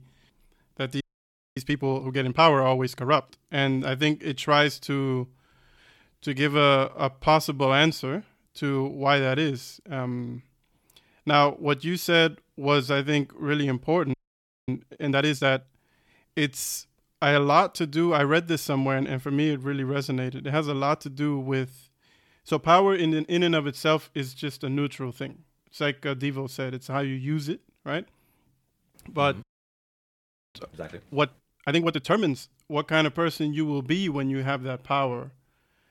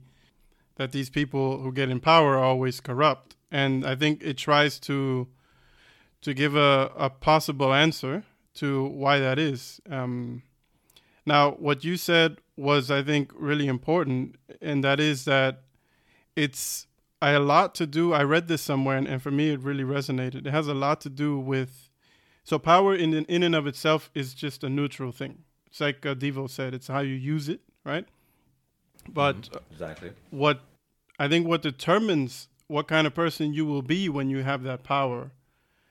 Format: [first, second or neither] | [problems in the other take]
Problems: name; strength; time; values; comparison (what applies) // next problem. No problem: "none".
second | audio freezing; at 1 s for 0.5 s, at 14 s for 0.5 s and at 29 s for 1 s